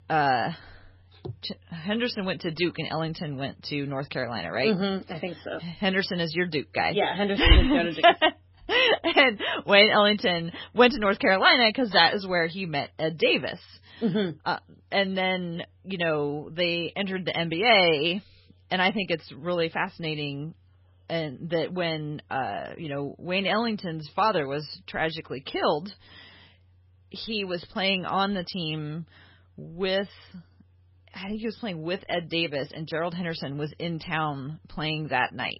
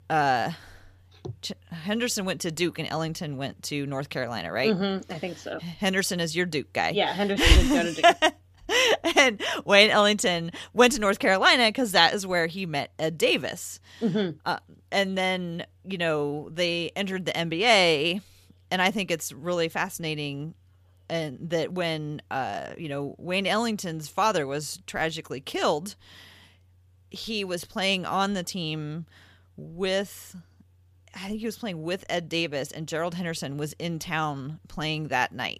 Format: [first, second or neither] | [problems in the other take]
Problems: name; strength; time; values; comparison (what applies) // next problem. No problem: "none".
second | garbled, watery; badly; nothing above 4.5 kHz